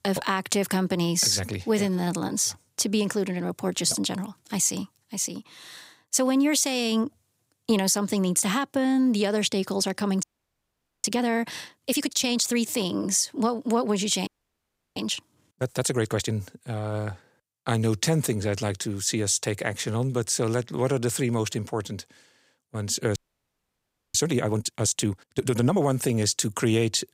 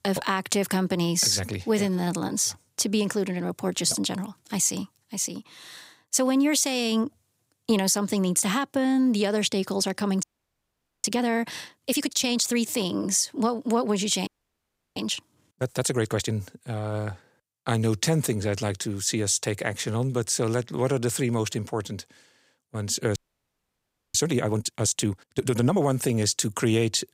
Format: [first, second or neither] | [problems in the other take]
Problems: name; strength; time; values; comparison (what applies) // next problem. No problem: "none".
neither | audio freezing; at 10 s for 1 s, at 14 s for 0.5 s and at 23 s for 1 s; the same in both